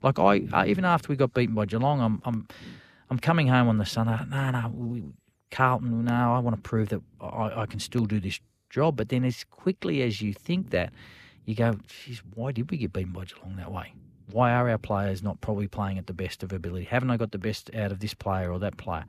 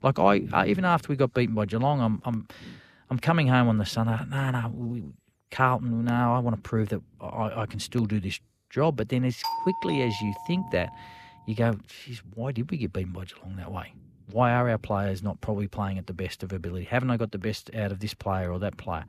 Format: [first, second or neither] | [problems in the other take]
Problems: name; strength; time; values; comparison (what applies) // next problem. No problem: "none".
first | doorbell; noticeable; from 9.5 to 11 s; peak 3 dB below the speech